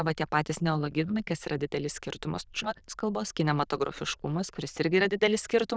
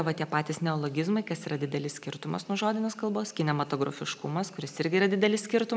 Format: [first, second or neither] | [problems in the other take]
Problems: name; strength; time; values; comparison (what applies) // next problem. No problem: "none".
second | noise reduction (neural diffusion model UNIVERSE++)